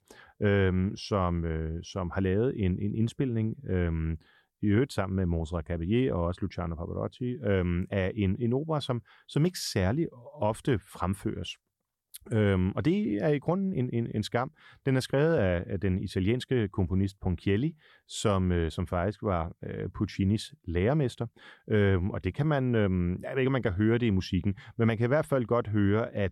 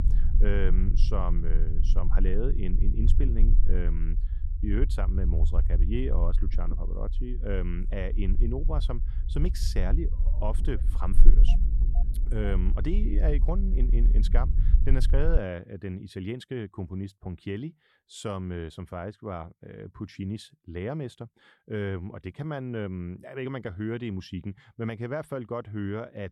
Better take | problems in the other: first | low rumble; noticeable; until 15 s; 10 dB below the speech

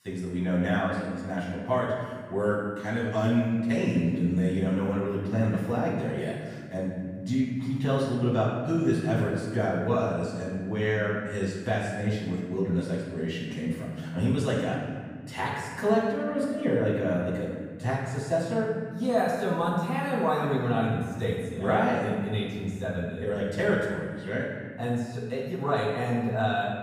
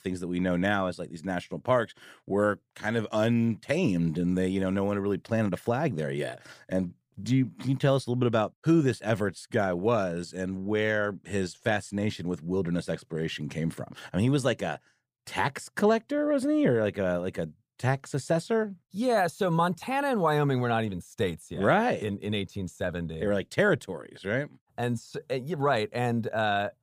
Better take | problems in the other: second | room echo; noticeable; dies away in 1.7 s // off-mic speech; far

